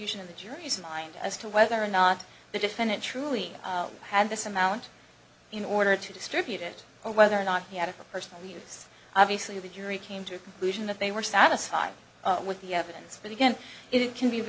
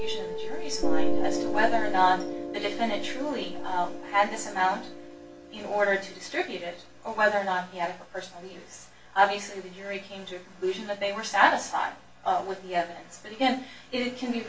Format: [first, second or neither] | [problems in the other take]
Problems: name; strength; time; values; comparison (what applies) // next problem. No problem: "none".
first | background sound (Piano); 2 dB below the speech // room echo; dies away in 0.3 s